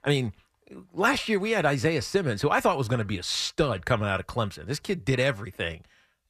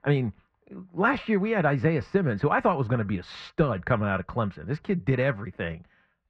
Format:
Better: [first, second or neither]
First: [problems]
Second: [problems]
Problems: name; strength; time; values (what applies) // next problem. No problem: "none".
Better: first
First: none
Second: muffled; very; fading above 1.5 kHz